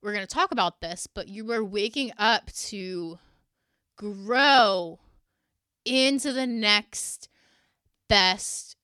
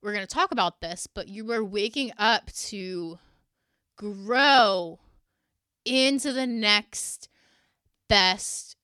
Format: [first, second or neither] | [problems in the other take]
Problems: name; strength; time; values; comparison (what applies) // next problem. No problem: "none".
neither | none